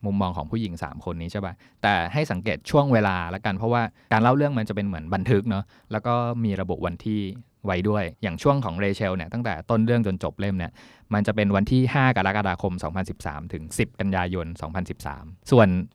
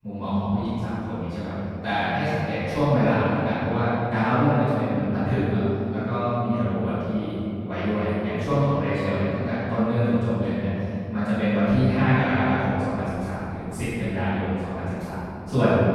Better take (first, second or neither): first